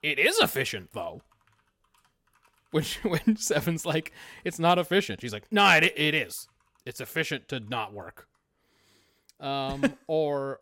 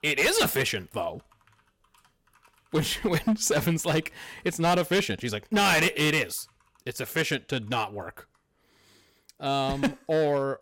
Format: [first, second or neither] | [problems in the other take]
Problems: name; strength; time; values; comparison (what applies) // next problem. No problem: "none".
first | distortion; heavy; 7% of the sound clipped